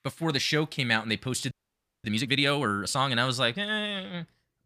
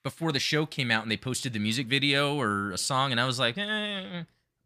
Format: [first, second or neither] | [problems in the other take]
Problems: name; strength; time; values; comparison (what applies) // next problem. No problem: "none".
second | audio freezing; at 1.5 s for 0.5 s